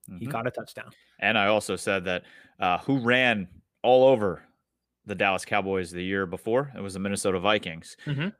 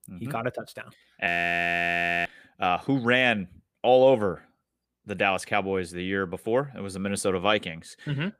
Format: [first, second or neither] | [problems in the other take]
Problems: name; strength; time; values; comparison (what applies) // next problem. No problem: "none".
first | audio freezing; at 1.5 s for 1 s